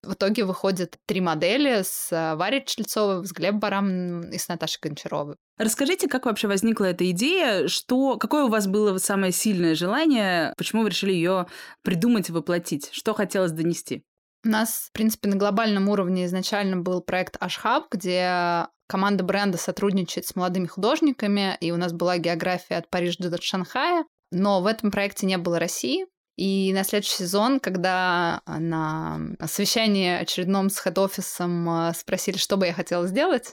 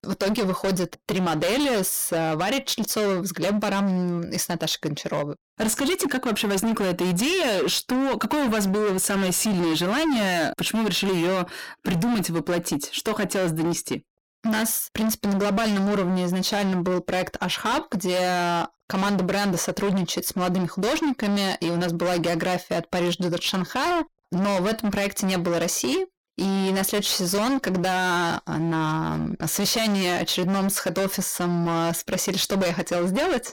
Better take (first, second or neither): first